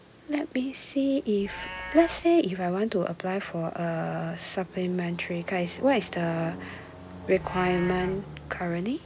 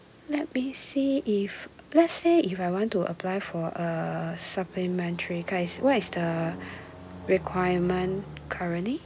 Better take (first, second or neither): second